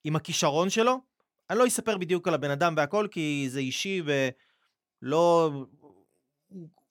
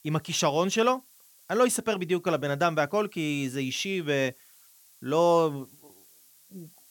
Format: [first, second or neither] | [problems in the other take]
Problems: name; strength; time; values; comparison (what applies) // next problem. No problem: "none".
first | hiss; faint; throughout; 30 dB below the speech